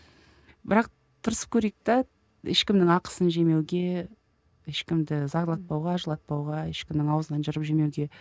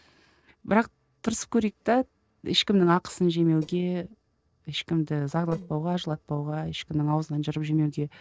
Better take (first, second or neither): first